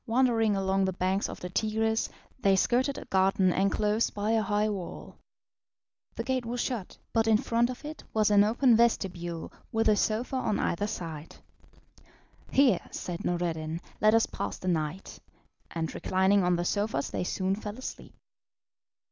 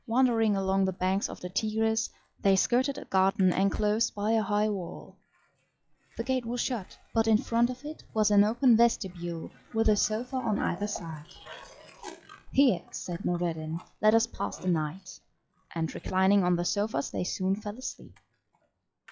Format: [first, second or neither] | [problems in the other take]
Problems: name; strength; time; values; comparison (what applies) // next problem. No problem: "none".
first | noise reduction (classical method log-MMSE)